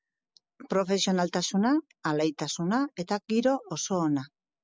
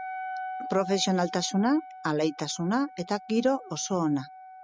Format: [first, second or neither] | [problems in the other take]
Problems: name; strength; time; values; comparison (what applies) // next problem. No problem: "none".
first | background sound (Wind instrument, woodwind instrument); 12 dB below the speech